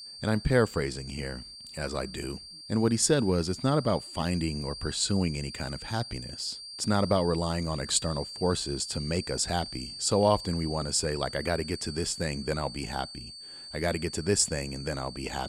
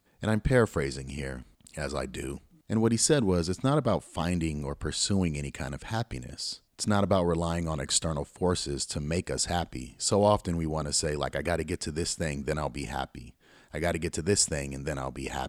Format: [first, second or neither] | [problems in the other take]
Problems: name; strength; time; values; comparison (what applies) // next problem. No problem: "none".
second | high-pitched whine; noticeable; throughout; 4.5 kHz, 10 dB below the speech